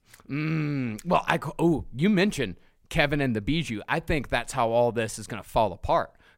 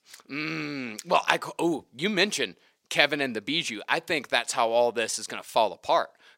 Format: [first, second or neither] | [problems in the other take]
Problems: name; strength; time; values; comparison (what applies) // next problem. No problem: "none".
first | thin; somewhat; fading below 350 Hz